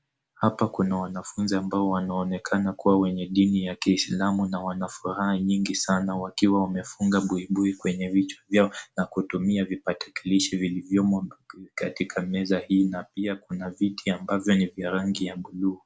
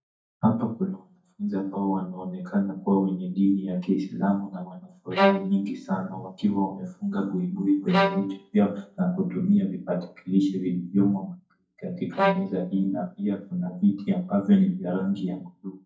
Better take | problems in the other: first | noise reduction (neural mask model DeepFilterNet 3)

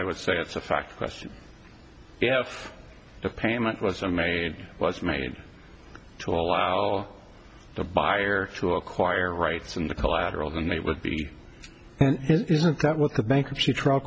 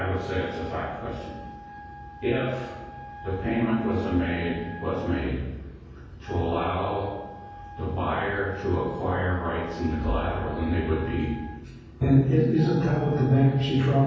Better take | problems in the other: first | background sound (Wind instrument, woodwind instrument); 16 dB below the speech // room echo; dies away in 1.3 s

